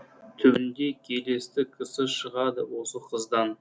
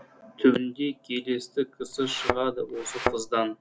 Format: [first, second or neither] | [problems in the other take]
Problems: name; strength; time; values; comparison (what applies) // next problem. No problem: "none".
first | background sound (Thump, thud); 4 dB below the speech